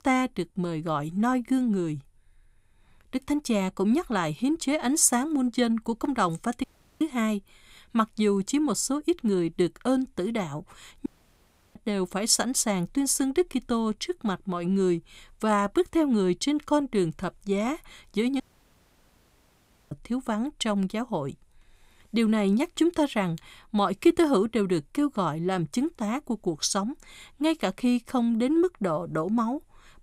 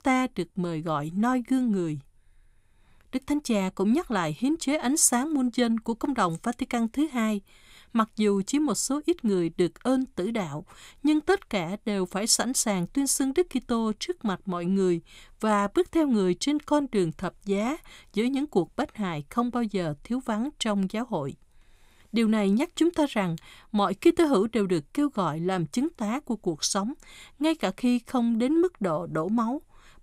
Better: second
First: audio cutting out; at 6.5 s, at 11 s for 0.5 s and at 18 s for 1.5 s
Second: none

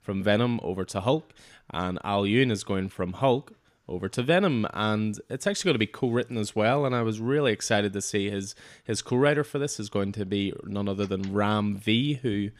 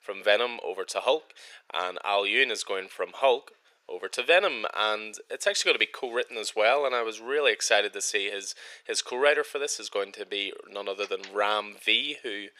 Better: first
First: none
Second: thin; very; fading below 500 Hz

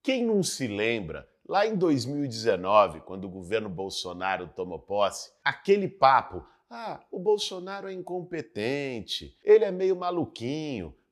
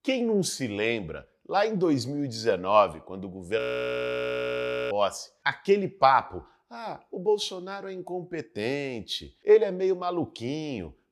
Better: first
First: none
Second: audio freezing; at 3.5 s for 1.5 s

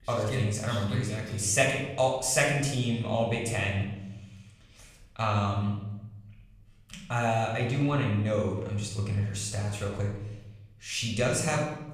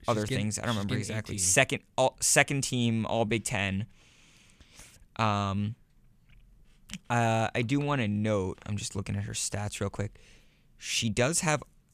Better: second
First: off-mic speech; far // room echo; noticeable; dies away in 0.9 s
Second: none

